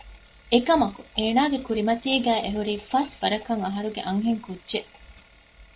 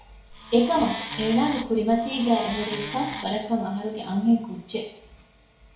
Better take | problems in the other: first | background sound (Wood); 11 dB below the speech // room echo; dies away in 0.6 s

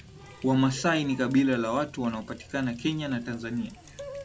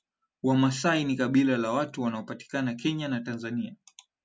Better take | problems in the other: second | background sound (Water tap, faucet); 18 dB below the speech

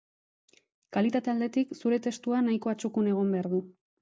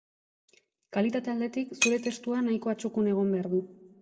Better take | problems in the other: first | background sound (Shatter); 9 dB below the speech // room echo; dies away in 1.3 s

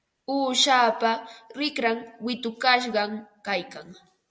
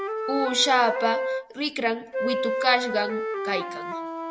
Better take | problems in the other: first | background sound (Wind instrument, woodwind instrument); 3 dB below the speech

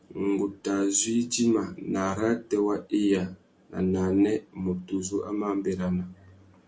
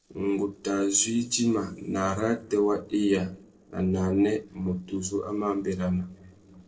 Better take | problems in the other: first | noise reduction (neural separator model SepFormer DNS4)

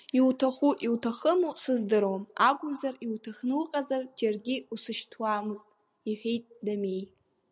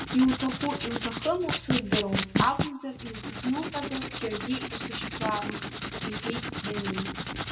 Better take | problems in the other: first | background sound (Writing); 2 dB below the speech // room echo; dies away in 0.2 s

